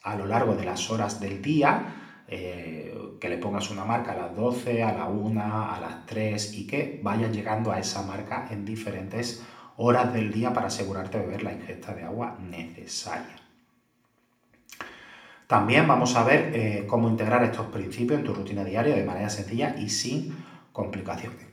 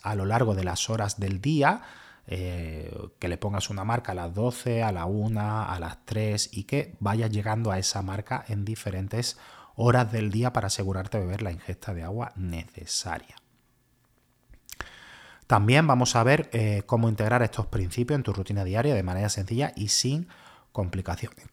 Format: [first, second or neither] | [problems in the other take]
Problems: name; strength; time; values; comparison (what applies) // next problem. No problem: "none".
second | room echo; slight; dies away in 0.6 s // off-mic speech; somewhat distant